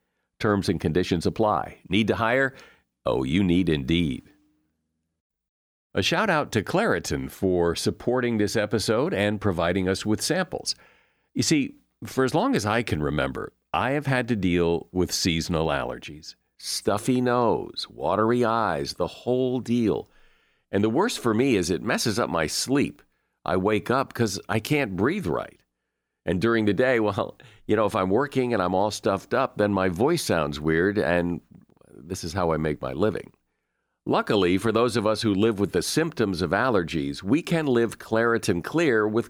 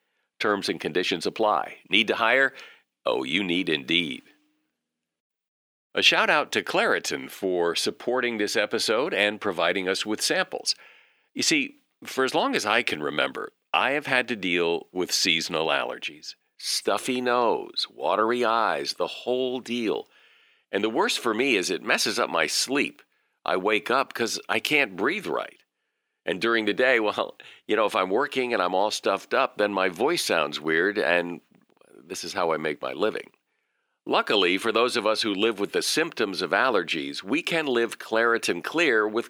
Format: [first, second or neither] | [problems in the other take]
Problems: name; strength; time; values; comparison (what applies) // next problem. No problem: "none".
first | thin; somewhat; fading below 350 Hz